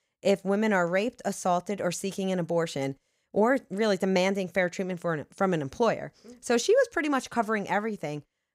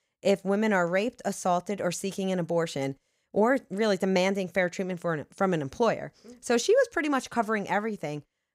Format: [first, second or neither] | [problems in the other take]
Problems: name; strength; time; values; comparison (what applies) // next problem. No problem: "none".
neither | none